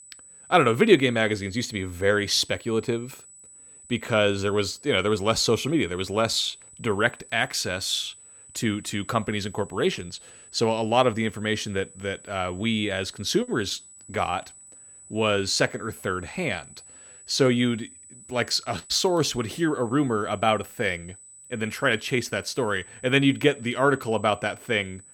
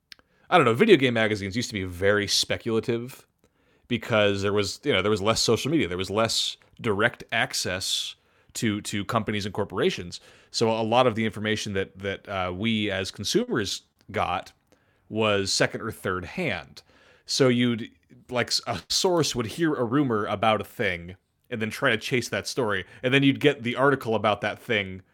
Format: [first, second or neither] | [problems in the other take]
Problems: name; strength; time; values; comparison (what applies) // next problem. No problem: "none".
second | high-pitched whine; faint; throughout; 8 kHz, 20 dB below the speech